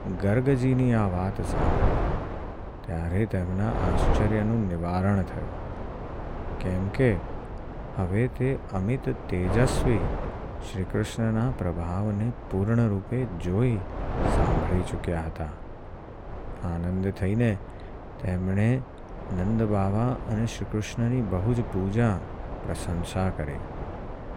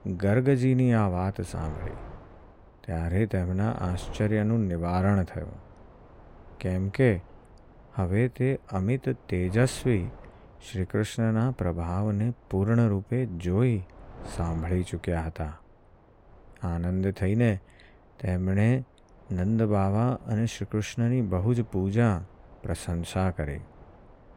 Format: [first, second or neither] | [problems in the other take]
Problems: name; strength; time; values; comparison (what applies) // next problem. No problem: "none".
second | wind noise on the microphone; heavy; 5 dB below the speech; occasional gusts in the second